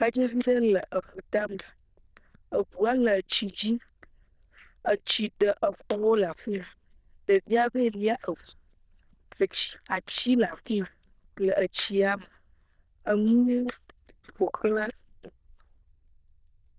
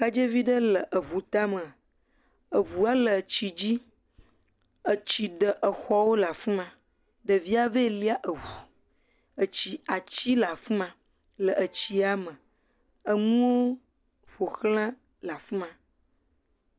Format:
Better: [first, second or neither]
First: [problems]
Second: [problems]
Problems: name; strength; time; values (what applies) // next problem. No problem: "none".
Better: second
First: noise reduction (neural diffusion model UNIVERSE++)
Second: none